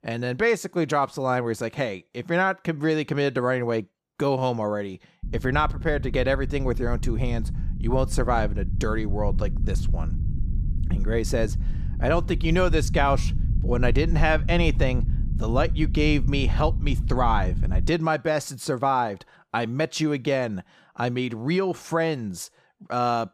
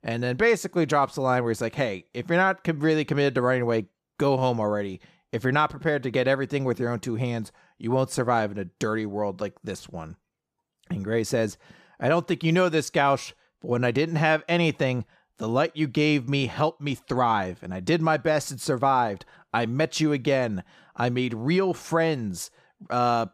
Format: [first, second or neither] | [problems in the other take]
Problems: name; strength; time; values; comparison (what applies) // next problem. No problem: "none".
second | low rumble; noticeable; from 5 to 18 s; 20 dB below the speech